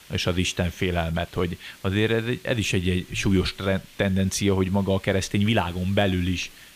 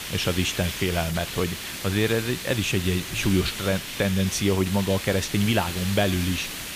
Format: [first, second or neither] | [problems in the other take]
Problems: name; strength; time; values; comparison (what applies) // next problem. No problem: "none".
first | hiss; loud; throughout; 7 dB below the speech; faint in the first